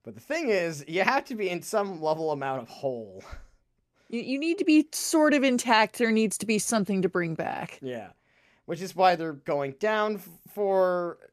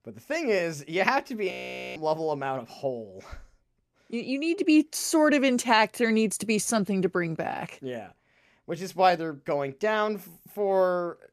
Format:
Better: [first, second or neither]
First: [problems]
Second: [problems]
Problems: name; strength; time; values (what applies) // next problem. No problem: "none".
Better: first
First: none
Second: audio freezing; at 1.5 s